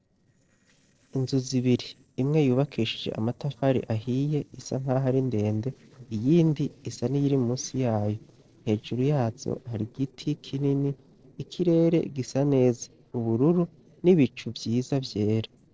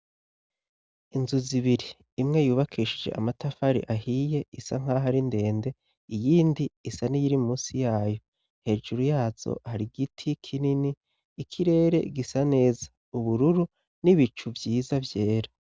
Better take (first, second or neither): second